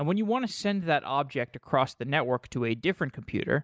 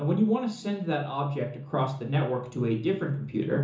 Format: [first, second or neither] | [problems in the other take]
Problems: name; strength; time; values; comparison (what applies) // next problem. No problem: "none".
first | room echo; dies away in 0.7 s